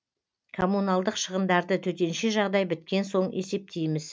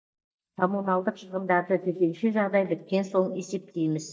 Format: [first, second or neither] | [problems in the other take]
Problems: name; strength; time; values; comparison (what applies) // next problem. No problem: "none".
first | noise reduction (neural mask model DeepFilterNet 3)